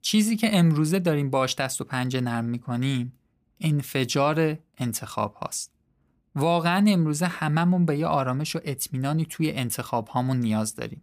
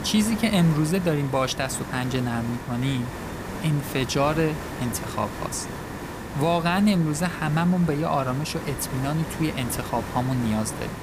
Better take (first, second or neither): first